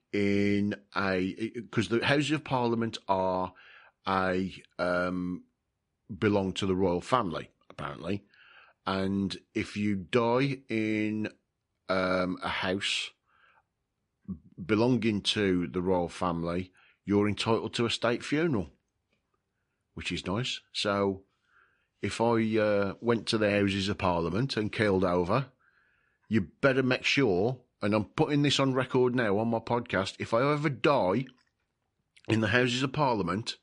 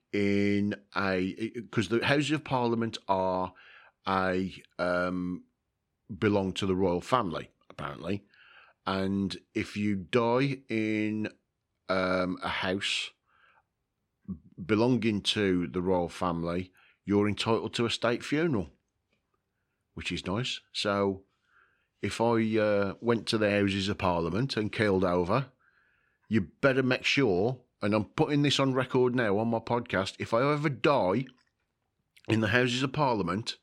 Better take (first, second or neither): second